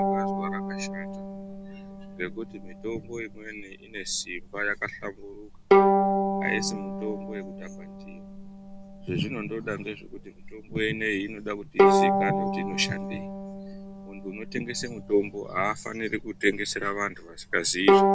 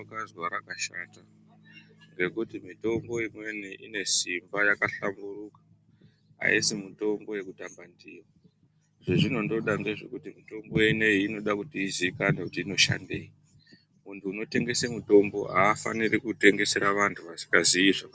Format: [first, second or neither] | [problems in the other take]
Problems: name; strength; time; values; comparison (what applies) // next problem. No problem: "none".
second | background sound (Bowed string instrument); 4 dB above the speech